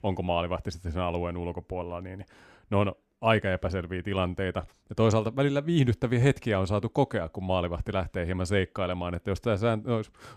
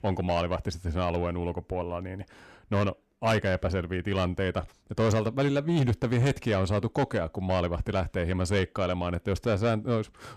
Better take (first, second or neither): first